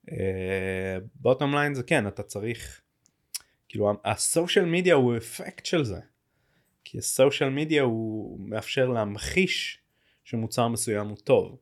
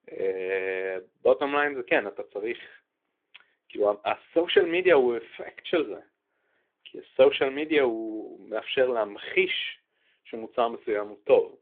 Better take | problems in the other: first | phone-call audio

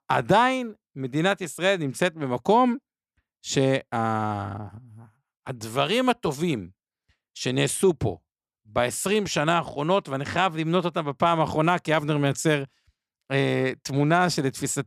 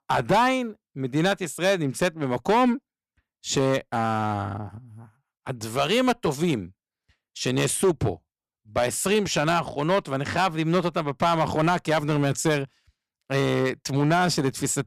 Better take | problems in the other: first | distortion; slight; 5% of the sound clipped

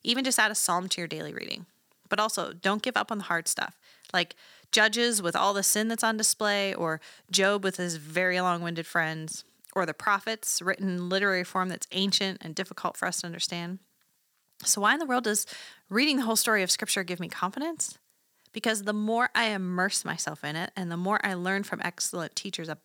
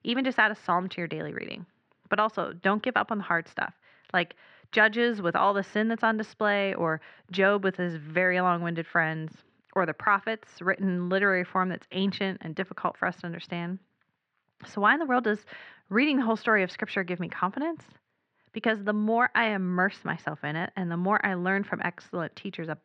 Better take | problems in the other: first | muffled; very; fading above 2.5 kHz

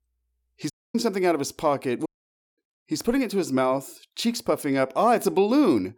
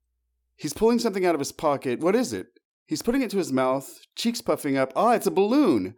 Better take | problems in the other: second | audio cutting out; at 0.5 s and at 2 s for 0.5 s

